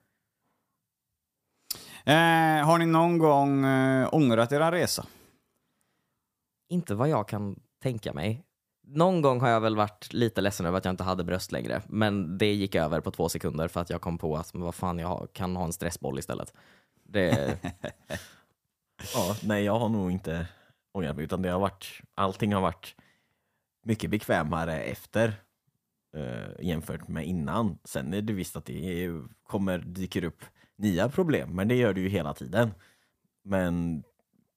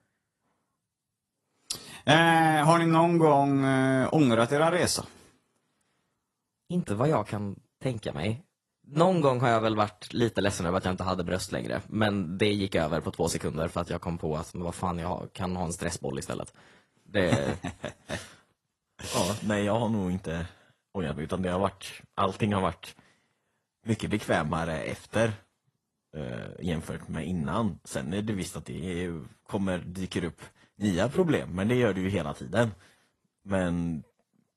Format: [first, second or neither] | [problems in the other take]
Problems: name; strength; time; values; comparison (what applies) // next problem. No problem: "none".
first | garbled, watery; slightly; nothing above 11.5 kHz